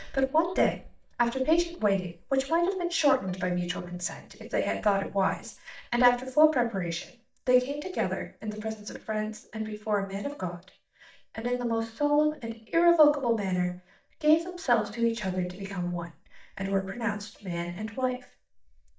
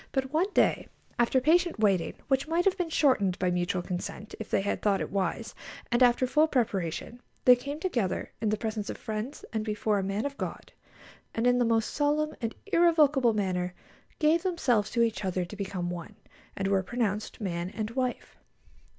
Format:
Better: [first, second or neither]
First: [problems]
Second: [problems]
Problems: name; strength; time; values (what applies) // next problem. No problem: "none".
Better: second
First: noise reduction (neural mask model DeepFilterNet 3)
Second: none